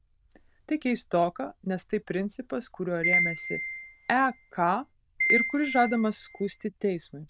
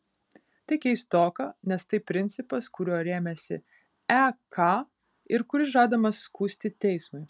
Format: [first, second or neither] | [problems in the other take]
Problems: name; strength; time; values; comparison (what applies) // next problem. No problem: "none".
second | noise reduction (neural diffusion model UNIVERSE++)